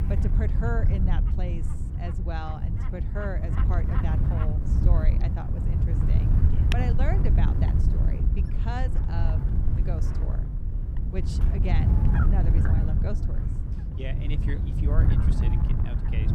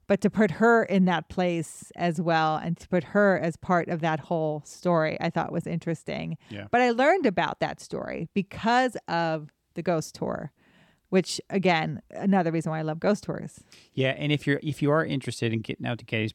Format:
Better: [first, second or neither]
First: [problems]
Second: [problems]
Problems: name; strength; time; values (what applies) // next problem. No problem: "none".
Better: second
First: wind noise on the microphone; heavy; as loud as the speech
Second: none